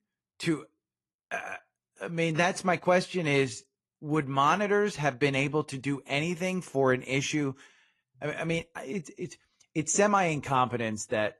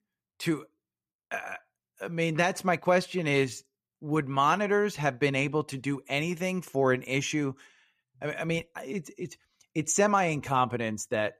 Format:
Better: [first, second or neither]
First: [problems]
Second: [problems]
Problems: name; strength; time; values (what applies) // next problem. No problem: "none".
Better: second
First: garbled, watery; slightly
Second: none